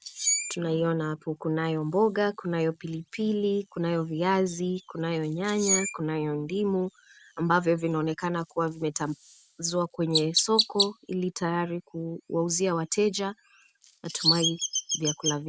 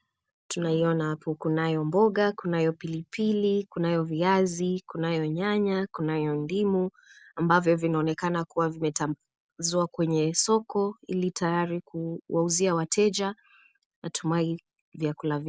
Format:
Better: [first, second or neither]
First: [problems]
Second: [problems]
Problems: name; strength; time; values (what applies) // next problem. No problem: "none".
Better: second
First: background sound (Chirp, tweet); 6 dB below the speech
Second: none